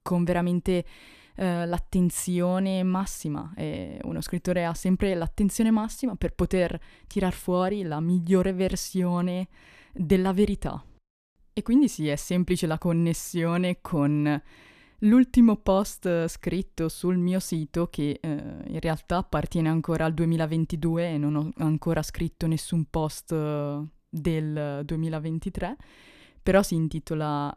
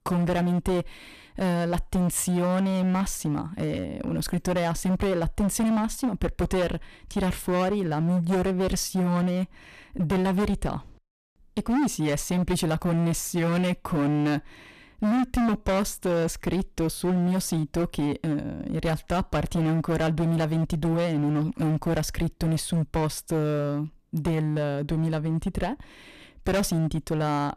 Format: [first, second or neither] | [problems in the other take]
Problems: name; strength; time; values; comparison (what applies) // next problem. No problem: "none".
first | distortion; heavy; 20% of the sound clipped